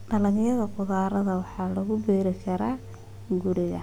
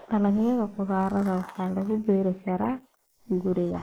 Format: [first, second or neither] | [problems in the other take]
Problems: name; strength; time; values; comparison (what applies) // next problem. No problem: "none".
first | noise reduction (neural mask model Resemble Enhance denoiser)